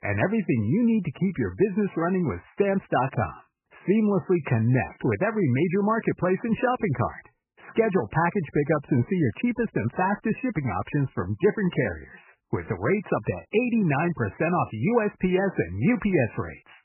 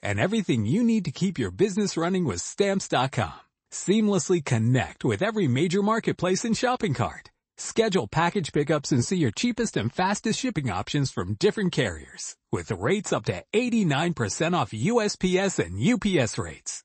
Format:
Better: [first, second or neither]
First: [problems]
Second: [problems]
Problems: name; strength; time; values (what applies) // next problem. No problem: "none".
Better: second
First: garbled, watery; badly; nothing above 3 kHz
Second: garbled, watery; slightly; nothing above 8 kHz